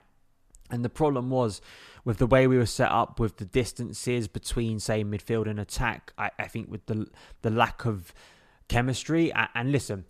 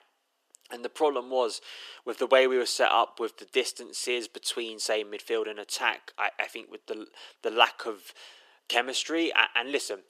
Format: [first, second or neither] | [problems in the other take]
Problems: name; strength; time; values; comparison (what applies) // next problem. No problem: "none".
first | thin; very; fading below 350 Hz